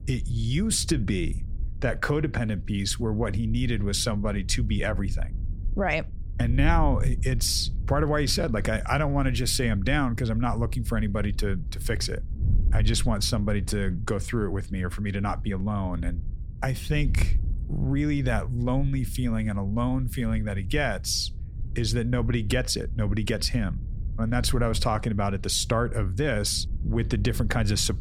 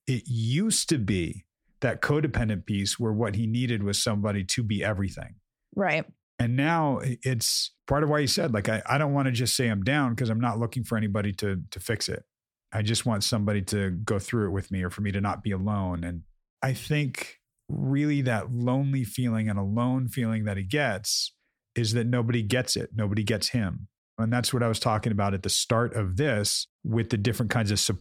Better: second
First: wind noise on the microphone; occasional gusts; 20 dB below the speech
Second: none

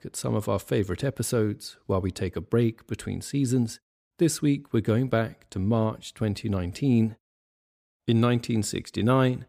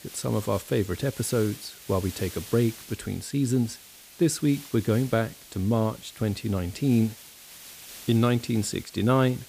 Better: first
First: none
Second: hiss; noticeable; throughout; 15 dB below the speech

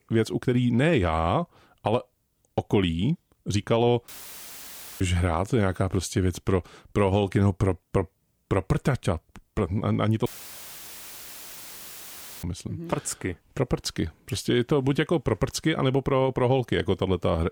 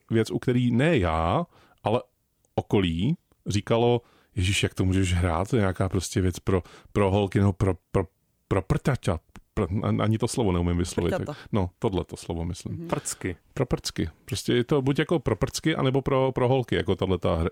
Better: second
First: audio cutting out; filled with static; at 4 s for 1 s and at 10 s for 2 s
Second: none

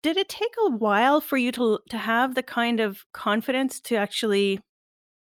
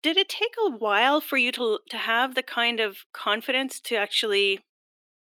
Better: first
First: none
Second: thin; very slightly; fading below 300 Hz

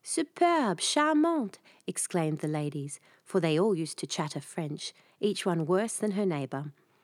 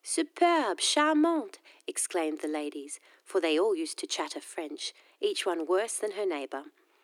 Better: first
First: none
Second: thin; somewhat; fading below 300 Hz

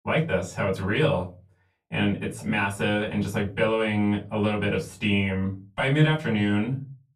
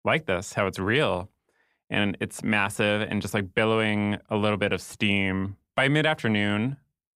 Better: second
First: off-mic speech; far // room echo; very slight; dies away in 0.3 s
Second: none

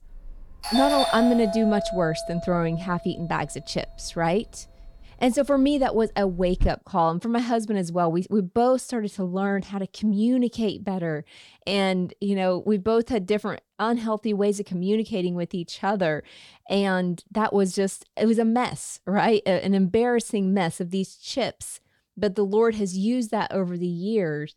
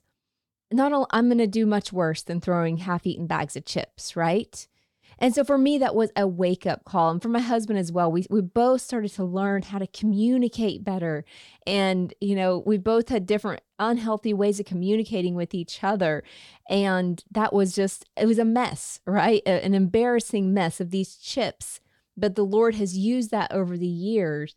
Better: second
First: doorbell; loud; until 6.5 s; peak 1 dB above the speech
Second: none

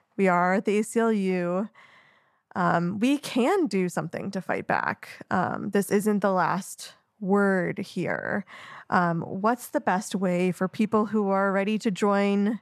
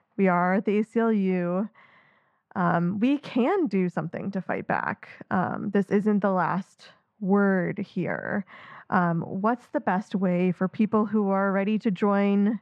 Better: first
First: none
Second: muffled; slightly; fading above 3 kHz

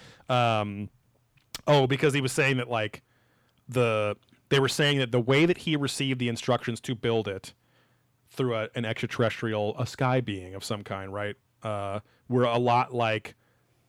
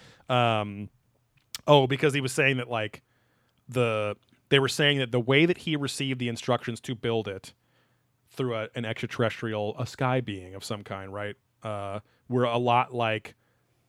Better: second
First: distortion; slight; 10 dB below the speech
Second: none

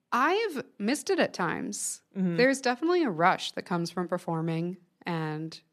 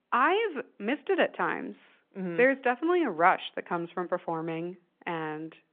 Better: first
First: none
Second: phone-call audio

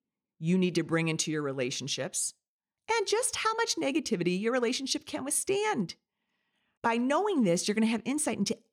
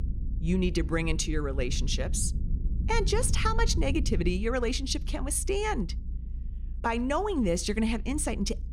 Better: first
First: none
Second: low rumble; noticeable; throughout; 20 dB below the speech

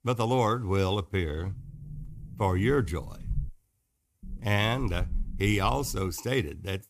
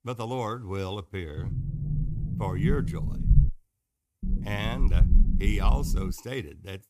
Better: first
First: low rumble; faint; from 1.5 to 3.5 s and from 4 to 6 s; 25 dB below the speech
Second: low rumble; loud; from 1.5 to 3.5 s and from 4 to 6 s; 7 dB below the speech

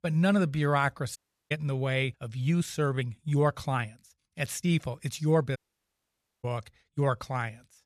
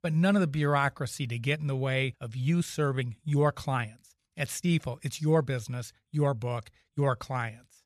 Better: second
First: audio cutting out; at 1 s and at 5.5 s for 1 s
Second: none

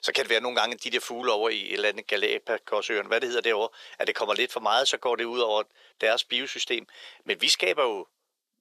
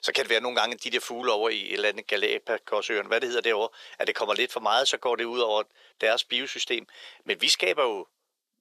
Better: neither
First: thin; very; fading below 400 Hz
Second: thin; very; fading below 400 Hz

